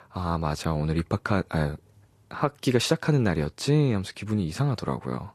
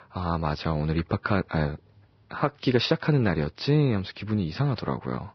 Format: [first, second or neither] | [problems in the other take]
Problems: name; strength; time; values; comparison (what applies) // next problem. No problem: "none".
first | garbled, watery; badly; nothing above 5.5 kHz; slightly in the first